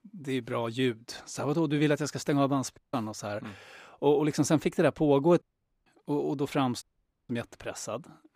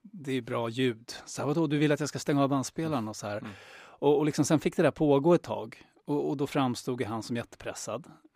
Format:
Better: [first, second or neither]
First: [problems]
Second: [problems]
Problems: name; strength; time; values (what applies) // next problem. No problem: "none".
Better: second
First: audio cutting out; at 3 s, at 5.5 s and at 7 s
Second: none